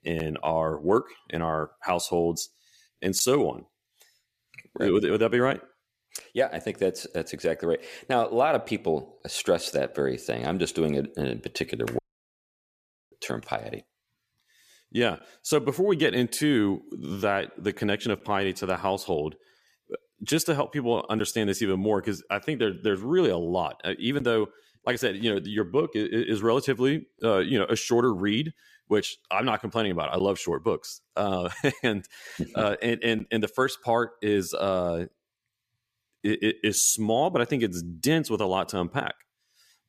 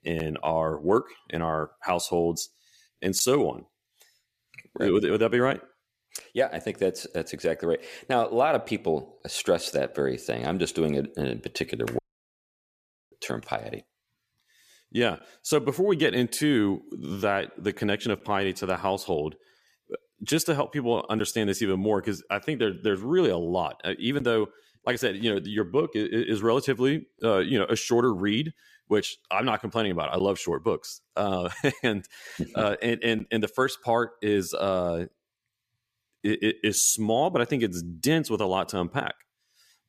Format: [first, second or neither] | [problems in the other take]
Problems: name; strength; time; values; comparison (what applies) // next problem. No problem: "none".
neither | audio cutting out; at 12 s for 1 s; the same in both